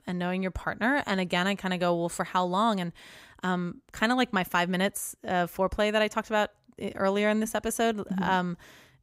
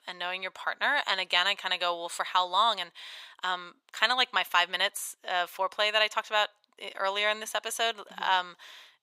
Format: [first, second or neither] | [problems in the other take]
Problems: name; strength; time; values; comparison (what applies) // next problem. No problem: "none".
first | thin; very; fading below 750 Hz